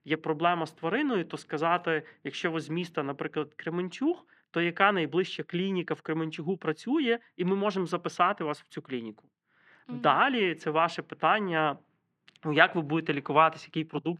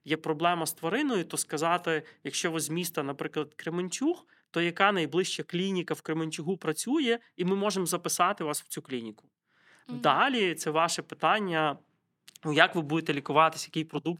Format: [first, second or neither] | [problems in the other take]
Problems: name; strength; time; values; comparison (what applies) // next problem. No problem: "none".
second | muffled; slightly; fading above 2.5 kHz